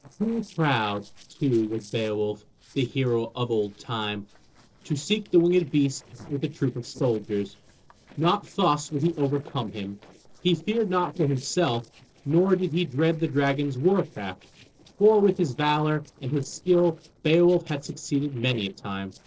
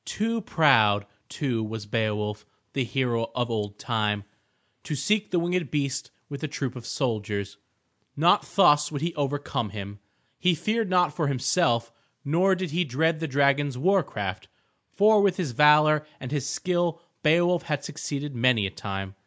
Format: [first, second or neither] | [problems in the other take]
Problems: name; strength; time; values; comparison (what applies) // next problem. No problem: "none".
second | noise reduction (neural separator model SepFormer DNS4)